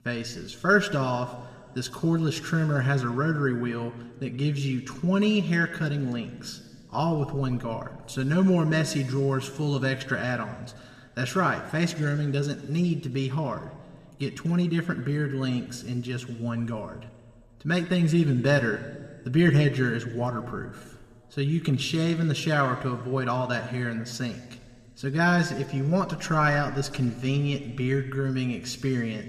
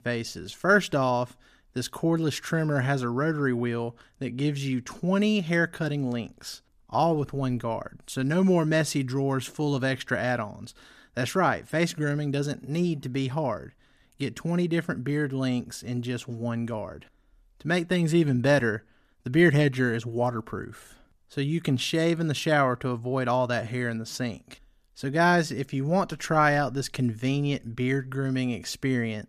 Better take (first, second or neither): second